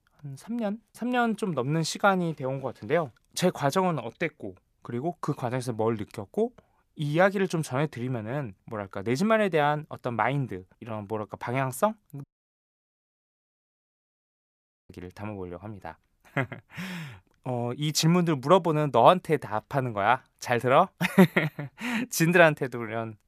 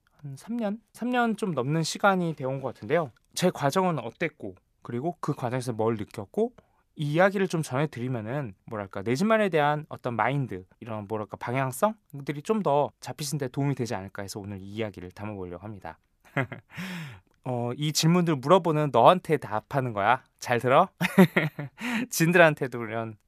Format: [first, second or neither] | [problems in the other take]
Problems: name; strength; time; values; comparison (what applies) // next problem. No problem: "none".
second | audio cutting out; at 12 s for 2.5 s